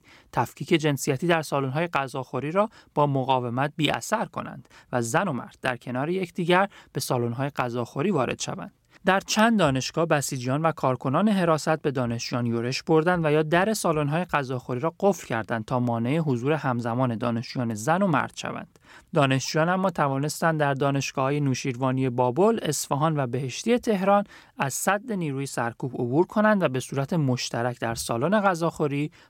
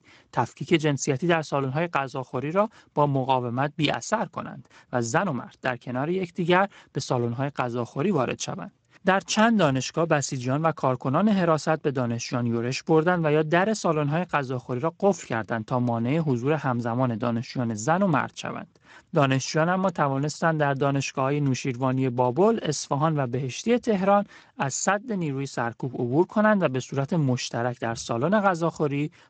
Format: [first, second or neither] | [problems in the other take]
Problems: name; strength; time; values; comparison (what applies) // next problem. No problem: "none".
first | garbled, watery; slightly; nothing above 7.5 kHz